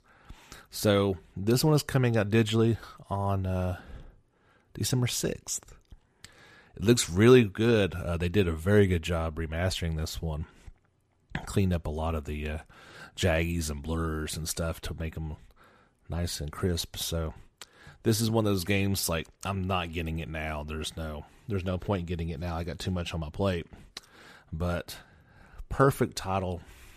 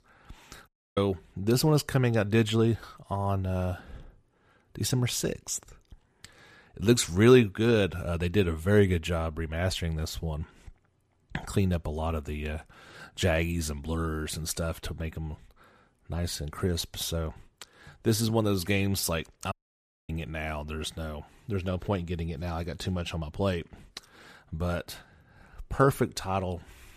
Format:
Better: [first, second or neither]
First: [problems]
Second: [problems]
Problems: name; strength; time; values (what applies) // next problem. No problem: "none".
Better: first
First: none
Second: audio cutting out; at 0.5 s and at 20 s for 0.5 s